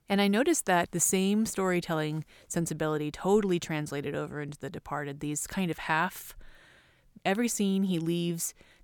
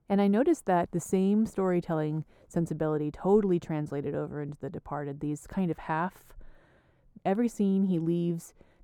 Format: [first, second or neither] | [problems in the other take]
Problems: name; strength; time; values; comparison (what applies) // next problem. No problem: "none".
first | muffled; slightly; fading above 1.5 kHz